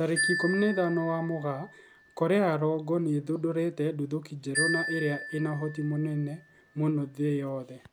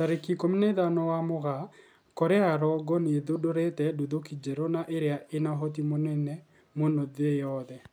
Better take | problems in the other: second | background sound (Marimba, xylophone); 8 dB below the speech

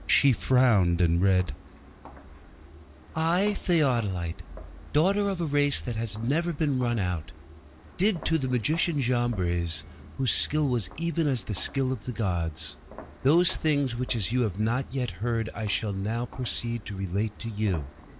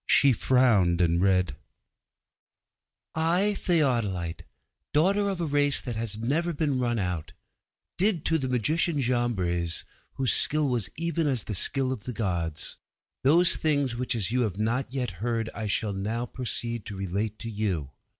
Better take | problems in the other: second | background sound (Walk, footsteps); 18 dB below the speech

